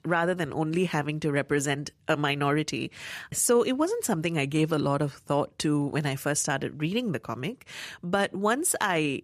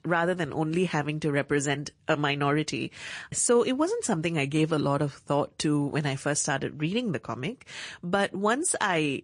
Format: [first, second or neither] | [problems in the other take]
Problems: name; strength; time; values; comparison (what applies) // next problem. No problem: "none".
first | garbled, watery; slightly